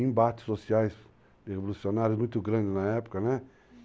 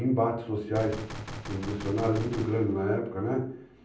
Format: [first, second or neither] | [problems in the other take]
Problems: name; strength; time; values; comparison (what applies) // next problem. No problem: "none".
first | background sound (Gunshot, gunfire); 11 dB below the speech // room echo; dies away in 0.6 s